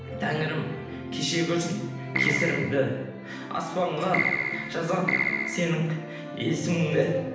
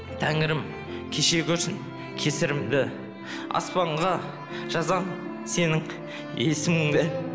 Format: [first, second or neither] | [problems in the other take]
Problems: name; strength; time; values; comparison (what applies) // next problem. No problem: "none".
second | background sound (Keyboard (musical)); as loud as the speech // room echo; dies away in 0.8 s